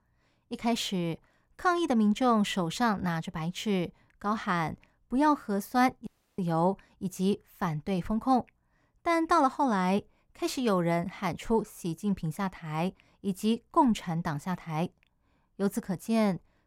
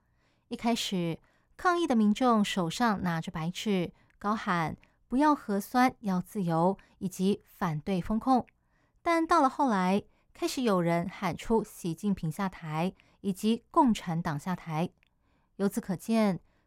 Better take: second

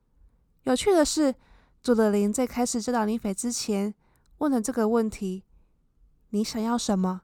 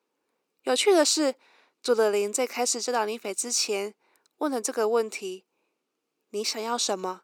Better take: first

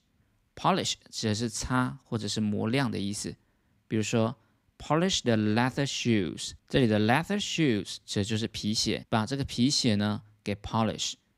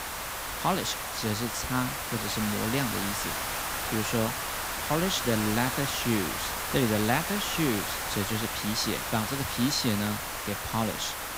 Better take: first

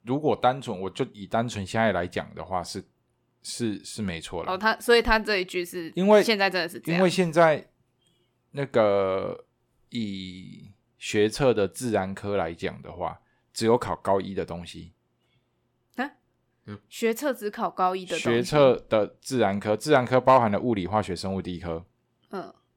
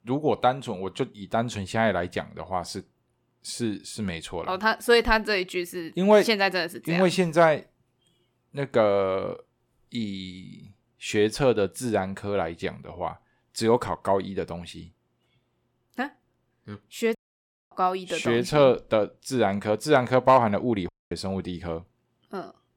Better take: first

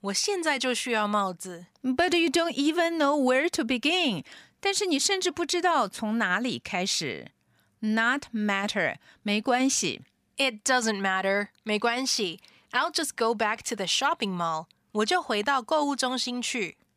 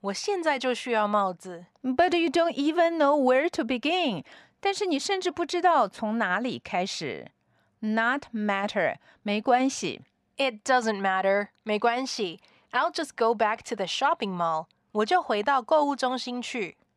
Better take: first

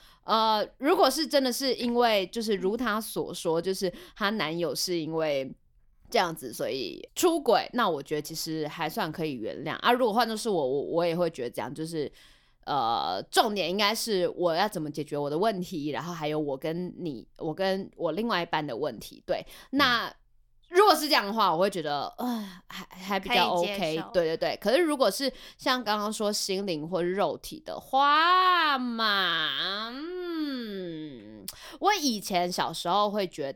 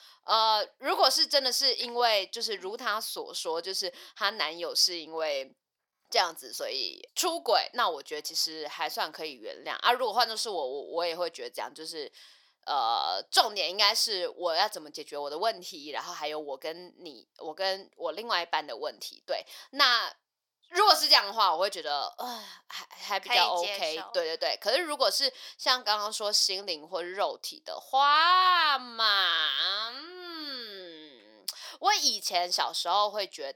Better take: first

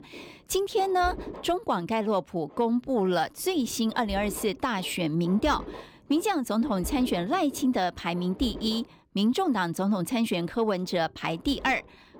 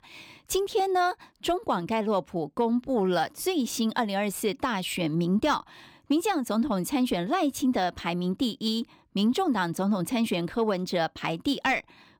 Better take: second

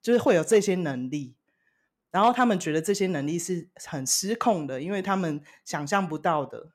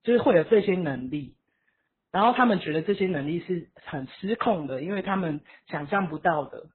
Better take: first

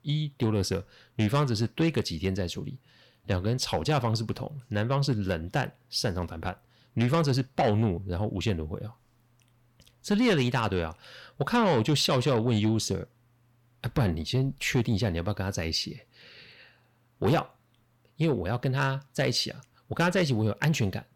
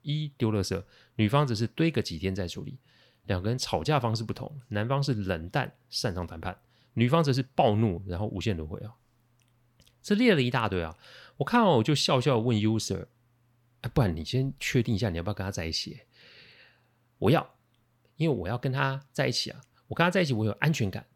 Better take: second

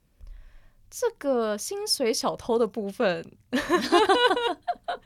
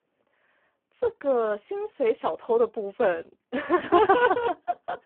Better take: first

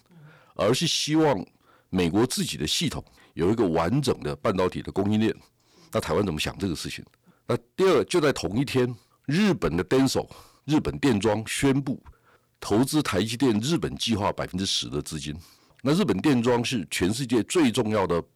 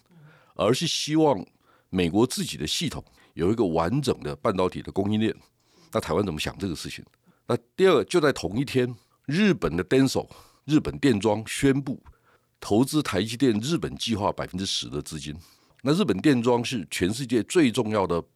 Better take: second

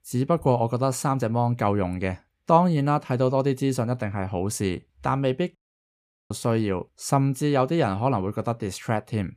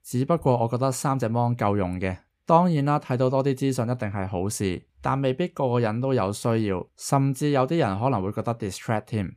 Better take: second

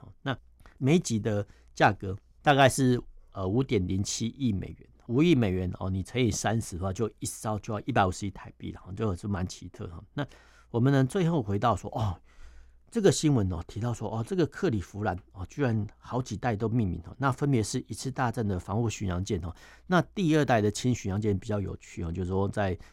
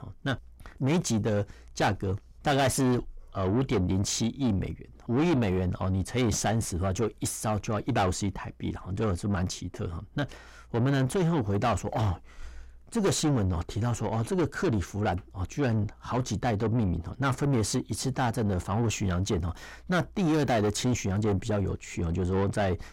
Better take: first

